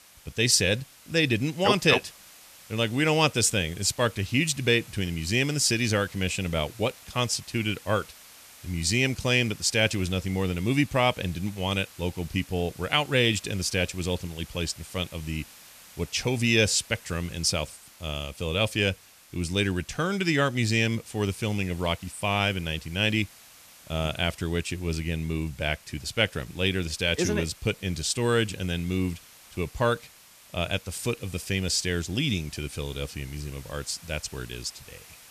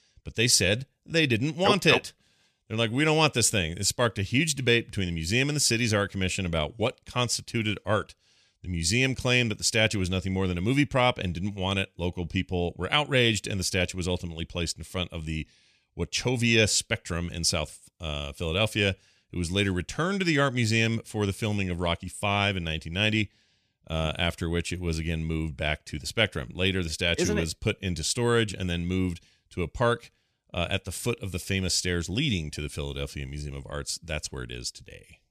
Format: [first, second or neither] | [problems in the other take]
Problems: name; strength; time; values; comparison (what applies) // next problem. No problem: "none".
second | hiss; faint; throughout; 20 dB below the speech